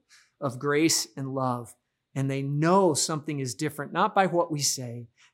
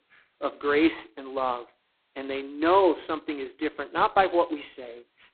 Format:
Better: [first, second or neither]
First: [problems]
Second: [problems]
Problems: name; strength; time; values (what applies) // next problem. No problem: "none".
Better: first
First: none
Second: phone-call audio; poor line; nothing above 4 kHz